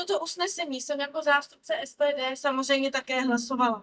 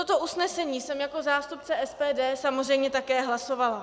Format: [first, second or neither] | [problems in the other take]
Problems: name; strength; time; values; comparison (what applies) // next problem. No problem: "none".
second | noise reduction (neural mask model DeepFilterNet 3)